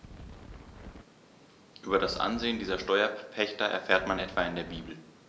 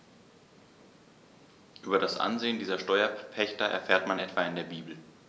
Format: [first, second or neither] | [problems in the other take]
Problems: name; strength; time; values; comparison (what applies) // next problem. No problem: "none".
second | background sound (Wind); 15 dB below the speech